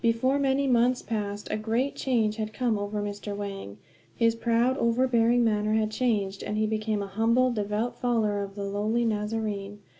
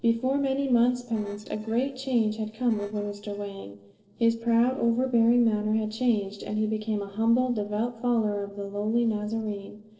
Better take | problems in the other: first | noise reduction (neural separator model SepFormer DNS4)

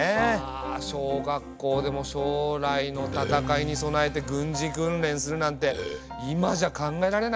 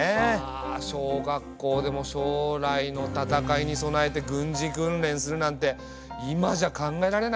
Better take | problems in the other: second | background sound (Burping, eructation); 7 dB below the speech

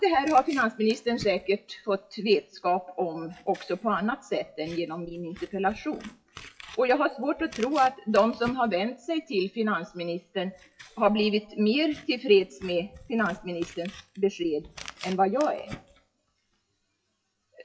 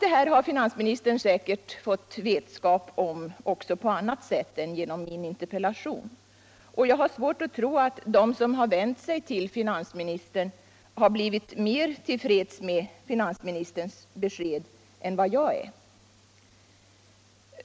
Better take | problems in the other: second | noise reduction (classical method WPE with log-MMSE)

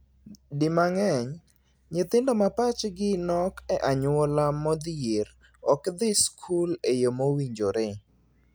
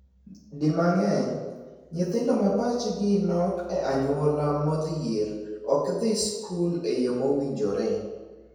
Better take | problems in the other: first | room echo; dies away in 1.1 s

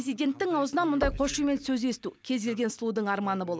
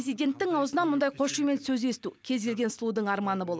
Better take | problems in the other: second | background sound (Knock); 13 dB below the speech

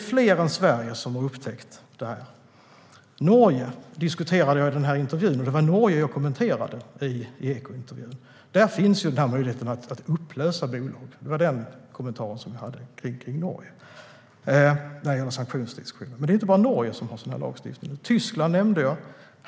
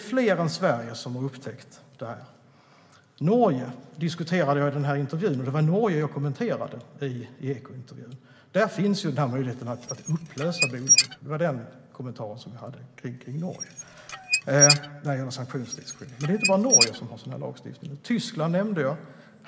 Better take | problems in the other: first | background sound (Squeak / Dishes, pots, and pans); 1 dB above the speech // room echo; dies away in 1.9 s

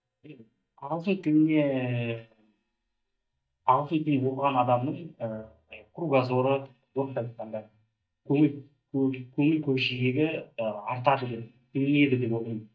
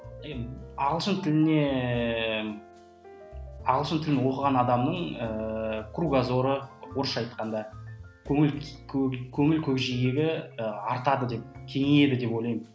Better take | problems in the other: second | noise reduction (neural mask model DeepFilterNet 3)

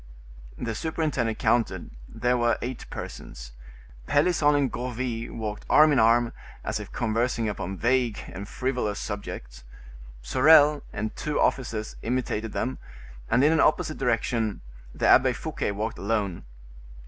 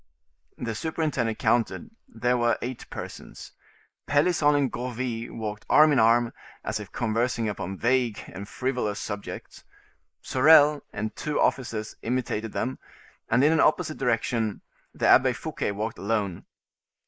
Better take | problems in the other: first | noise reduction (neural mask model Resemble Enhance denoiser)

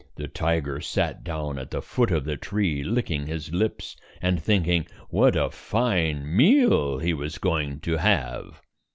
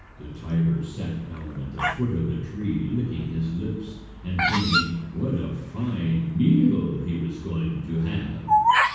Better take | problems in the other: first | background sound (Bird vocalization, bird call, bird song); 3 dB below the speech // room echo; dies away in 1.2 s

